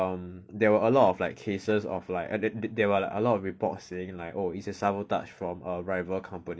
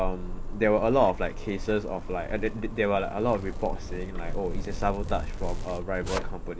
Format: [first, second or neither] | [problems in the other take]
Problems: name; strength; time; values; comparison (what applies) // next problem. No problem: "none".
first | background sound (Zipper (clothing)); 3 dB below the speech